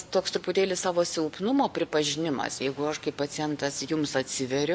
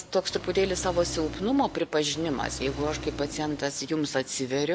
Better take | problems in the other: first | background sound (Engine); 10 dB below the speech

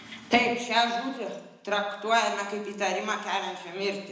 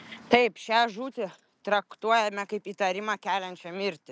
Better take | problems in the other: second | room echo; dies away in 0.9 s

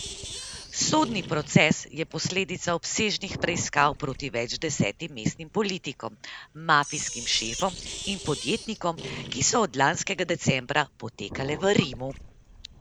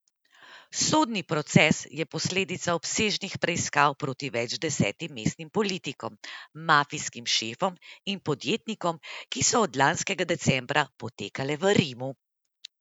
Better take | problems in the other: second | background sound (Sink (filling or washing)); 14 dB below the speech

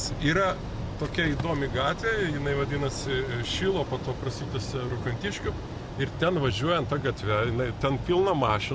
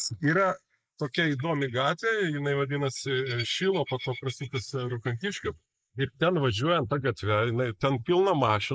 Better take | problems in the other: first | noise reduction (neural mask model Resemble Enhance denoiser)

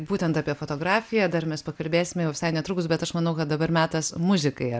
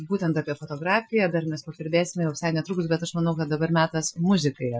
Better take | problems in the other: first | noise reduction (classical method Wiener filter)

